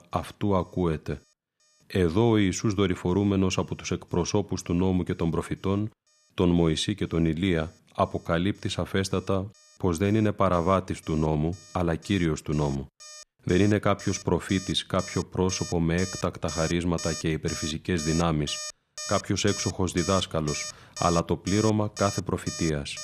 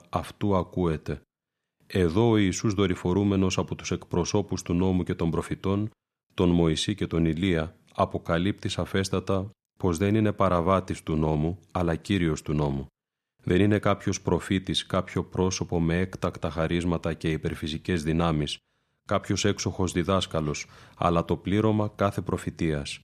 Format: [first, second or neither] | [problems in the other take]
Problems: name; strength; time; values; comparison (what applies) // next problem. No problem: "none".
second | alarms or sirens; noticeable; throughout; 10 dB below the speech